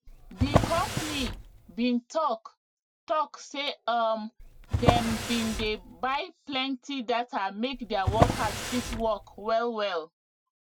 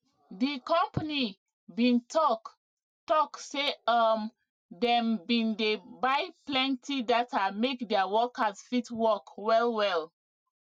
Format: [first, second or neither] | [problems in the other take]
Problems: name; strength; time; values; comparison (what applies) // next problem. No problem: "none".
second | background sound (Drawer open or close); 1 dB above the speech